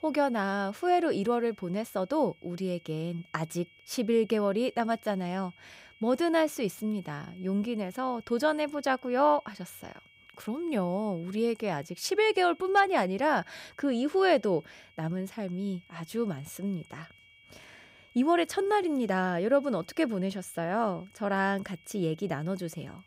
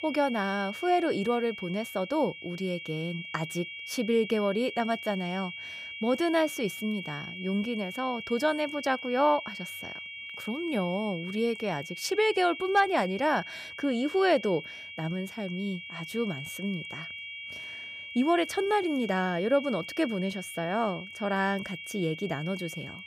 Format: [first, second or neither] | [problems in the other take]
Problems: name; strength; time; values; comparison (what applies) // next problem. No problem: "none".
first | high-pitched whine; loud; throughout; 2.5 kHz, 9 dB below the speech; faint in the first